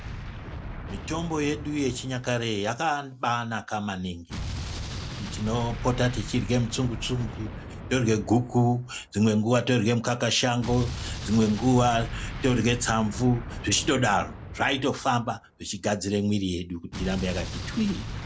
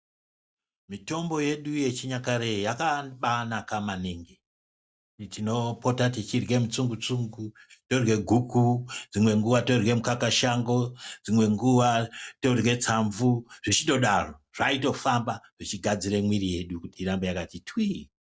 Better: second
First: background sound (Explosion); 10 dB below the speech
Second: none

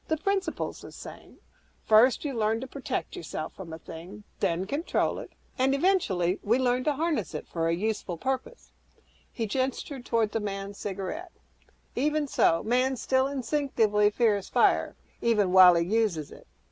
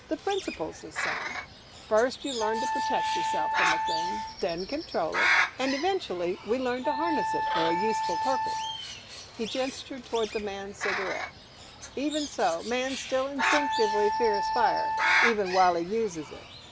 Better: first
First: none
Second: background sound (Bird + Wind instrument, woodwind instrument); as loud as the speech

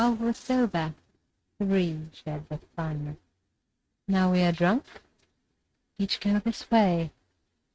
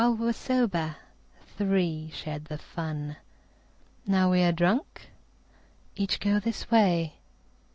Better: second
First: noise reduction (neural mask model RNNoise)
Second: none

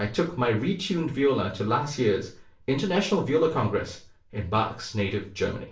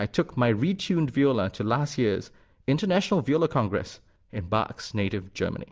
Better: second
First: room echo; dies away in 0.3 s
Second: none

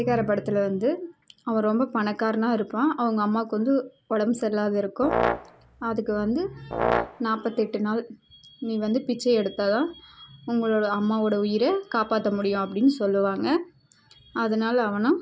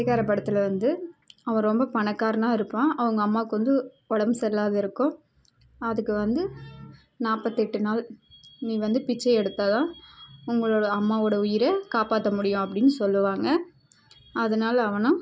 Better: second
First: background sound (Brass instrument); 3 dB below the speech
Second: none

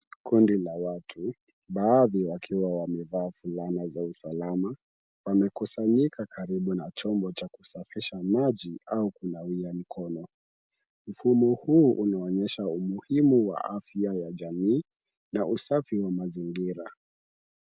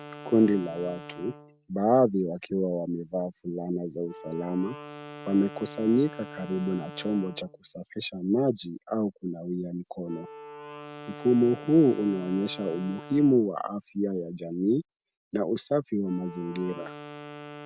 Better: first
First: none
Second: background sound (Wind instrument, woodwind instrument); 17 dB below the speech

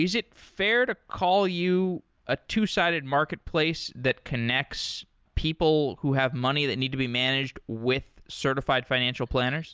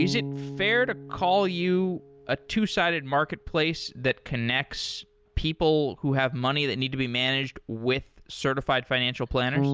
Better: first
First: none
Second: background sound (Bass guitar); 11 dB below the speech

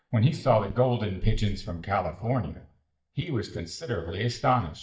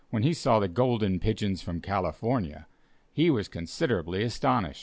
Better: second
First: noise reduction (neural mask model DeepFilterNet 3)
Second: none

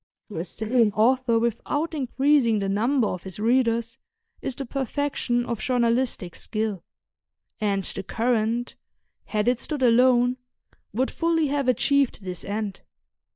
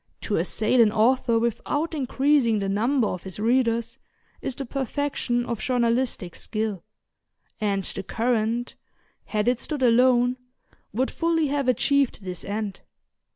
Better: second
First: noise reduction (neural mask model DeepFilterNet 3)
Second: none

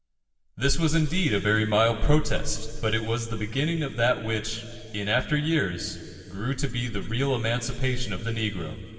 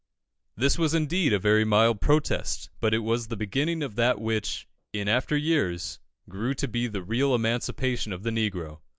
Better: second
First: room echo; dies away in 2.4 s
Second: none

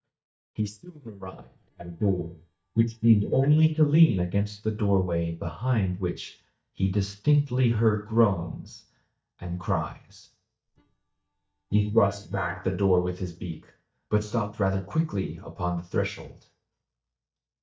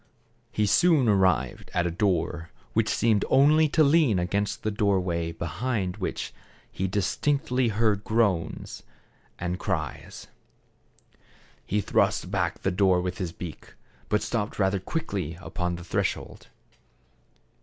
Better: second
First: noise reduction (neural mask model DeepFilterNet 3)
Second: none

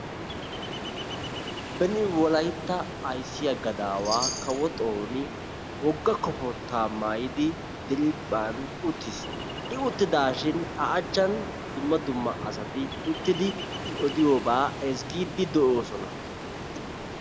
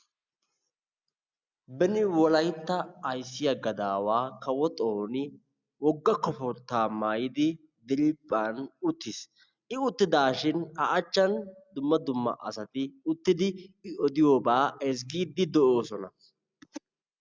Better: second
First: background sound (Ocean + Chime); 7 dB below the speech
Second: none

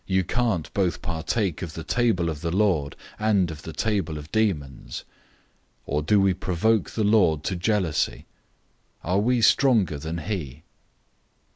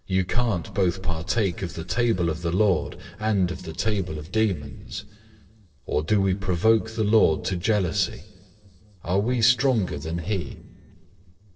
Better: first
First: none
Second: noise reduction (neural separator model SepFormer DNS4)

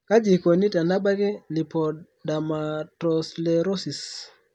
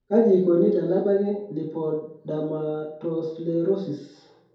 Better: first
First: none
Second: room echo; dies away in 2.3 s

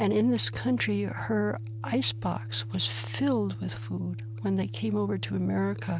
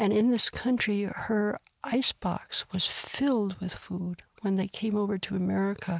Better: second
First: background sound (Organ); 8 dB below the speech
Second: none

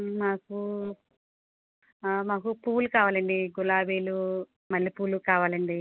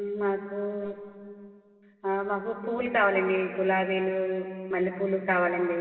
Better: first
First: none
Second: room echo; dies away in 2.6 s

